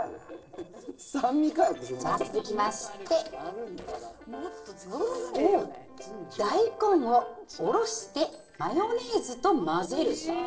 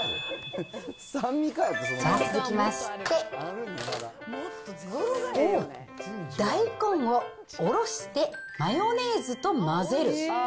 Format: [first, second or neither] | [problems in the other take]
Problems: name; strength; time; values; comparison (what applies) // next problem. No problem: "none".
second | noise reduction (neural separator model SepFormer DNS4)